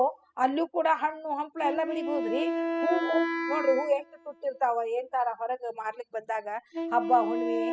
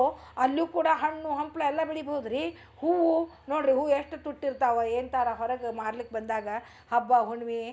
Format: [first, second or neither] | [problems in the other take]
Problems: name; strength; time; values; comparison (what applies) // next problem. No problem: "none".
second | noise reduction (classical method spectral subtraction)